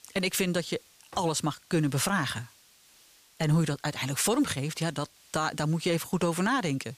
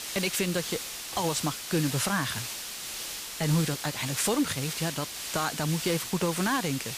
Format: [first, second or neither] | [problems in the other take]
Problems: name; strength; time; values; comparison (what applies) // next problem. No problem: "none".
first | hiss; loud; throughout; 5 dB below the speech; faint in the first